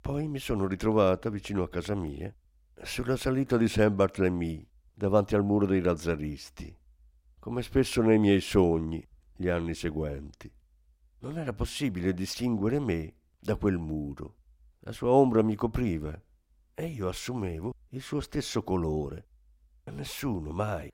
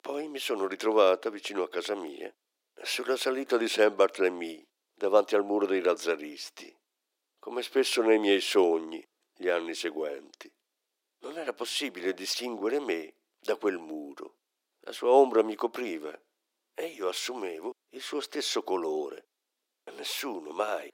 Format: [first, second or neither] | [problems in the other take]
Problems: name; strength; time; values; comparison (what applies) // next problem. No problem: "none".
first | thin; somewhat; fading below 350 Hz